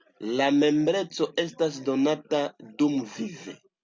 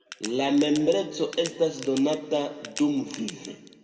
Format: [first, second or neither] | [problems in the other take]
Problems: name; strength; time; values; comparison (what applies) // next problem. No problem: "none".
first | background sound (Crack); 17 dB below the speech // room echo; dies away in 1.4 s